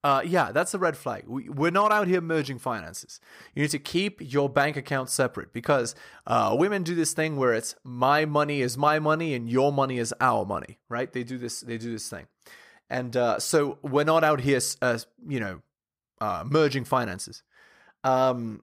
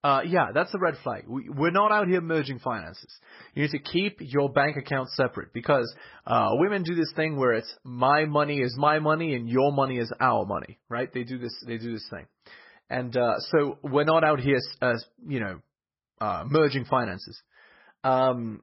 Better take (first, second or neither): first